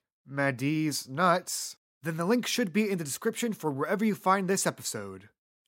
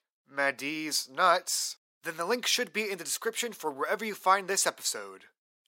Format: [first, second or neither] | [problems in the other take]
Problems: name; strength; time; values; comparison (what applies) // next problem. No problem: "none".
first | thin; somewhat; fading below 500 Hz